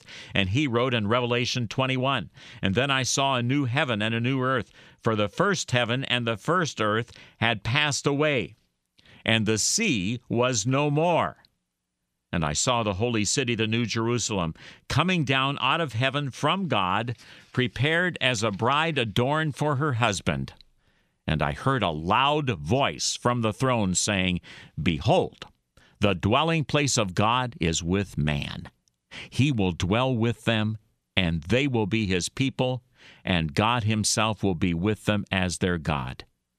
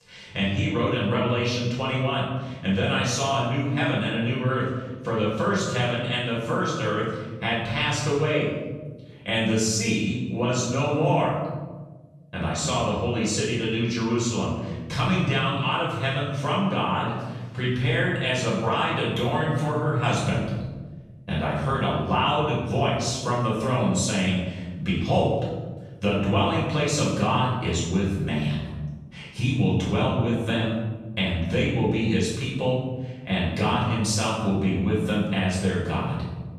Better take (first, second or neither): first